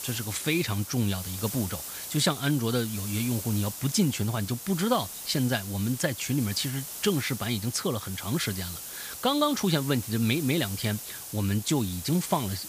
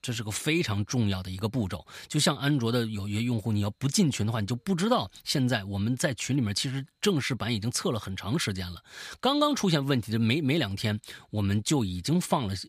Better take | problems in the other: second | hiss; loud; throughout; 8 dB below the speech

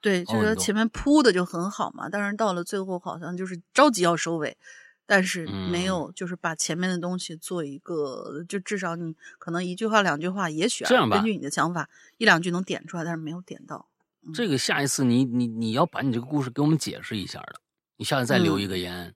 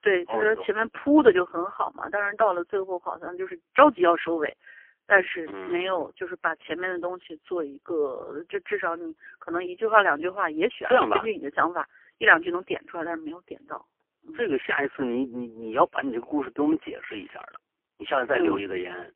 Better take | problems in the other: first | phone-call audio; poor line; nothing above 3 kHz

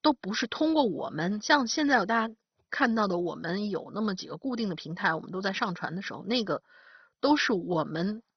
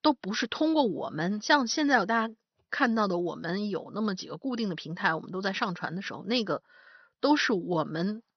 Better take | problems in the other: second | garbled, watery; badly; nothing above 6 kHz; slightly in the second

